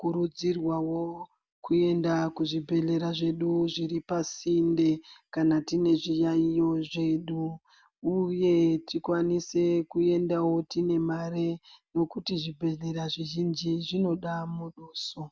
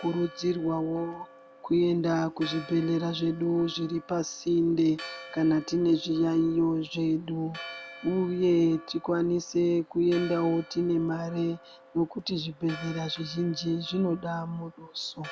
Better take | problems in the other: first | background sound (Church bell); 19 dB below the speech

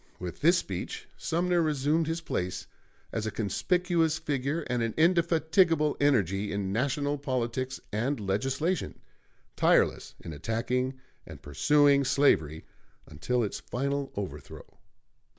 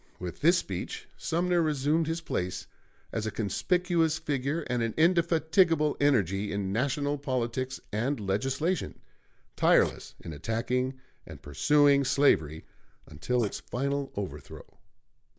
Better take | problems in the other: first | noise reduction (neural mask model Resemble Enhance denoiser)

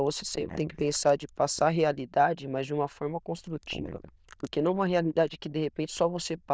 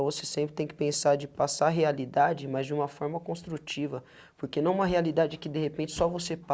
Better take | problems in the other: second | noise reduction (neural diffusion model UNIVERSE++)

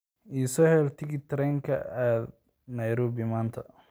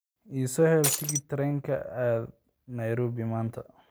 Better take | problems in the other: first | background sound (Shatter); as loud as the speech

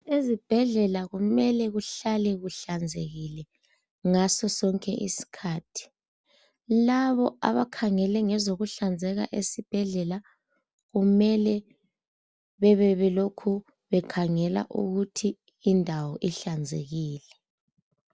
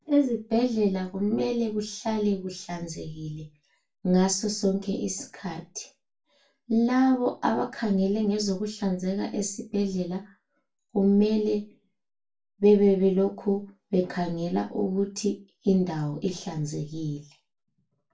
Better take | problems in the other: first | room echo; dies away in 0.2 s

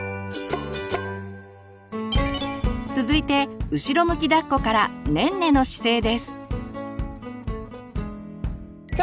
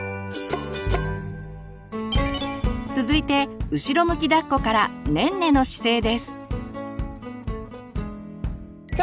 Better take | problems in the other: first | background sound (Bowed string instrument); 10 dB below the speech

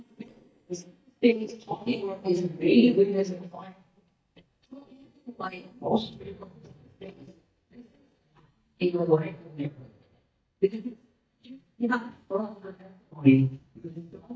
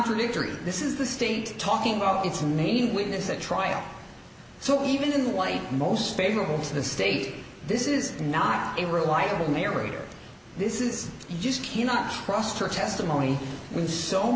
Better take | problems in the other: second | noise reduction (neural mask model DeepFilterNet 3)

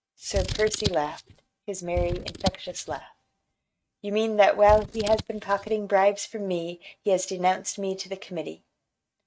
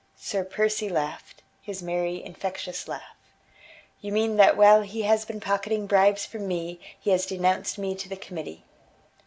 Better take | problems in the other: second | noise reduction (neural mask model RNNoise)

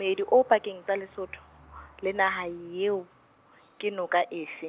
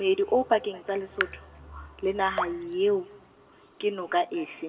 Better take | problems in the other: first | background sound (Raindrop / Drip); 12 dB below the speech // room echo; dies away in 2.5 s

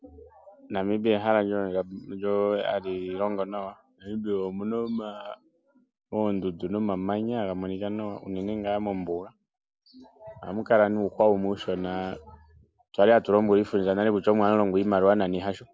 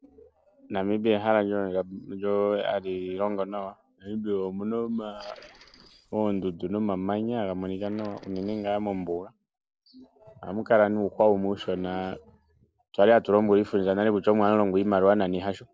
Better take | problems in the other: first | noise reduction (neural separator model SepFormer DNS4)

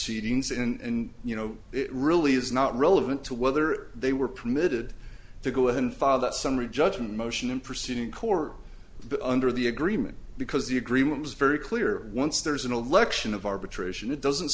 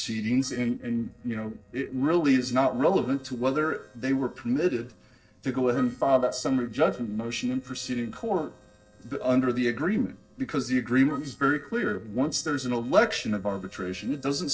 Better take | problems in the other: first | noise reduction (neural separator model SepFormer DNS4)

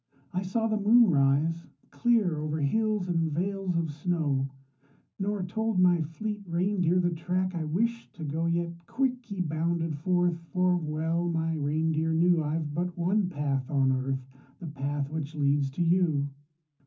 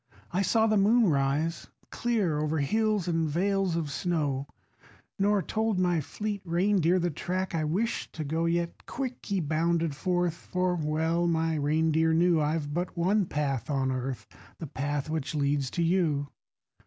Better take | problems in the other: second | room echo; dies away in 0.3 s

